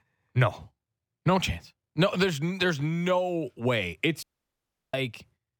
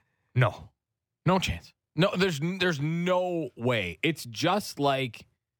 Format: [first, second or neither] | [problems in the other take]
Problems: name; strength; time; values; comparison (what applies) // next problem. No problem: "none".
second | audio cutting out; at 4 s for 0.5 s